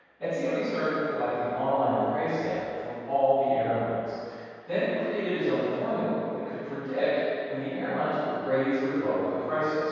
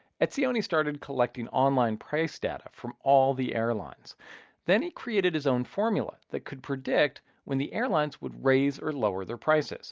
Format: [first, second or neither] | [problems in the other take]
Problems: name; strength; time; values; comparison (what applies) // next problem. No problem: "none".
second | room echo; dies away in 2.2 s